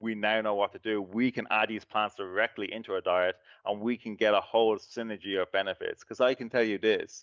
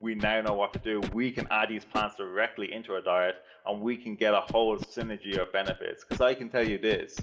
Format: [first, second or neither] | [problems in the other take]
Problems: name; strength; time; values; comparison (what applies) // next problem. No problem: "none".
first | background sound (Scratching (performance technique)); 13 dB below the speech // room echo; dies away in 0.5 s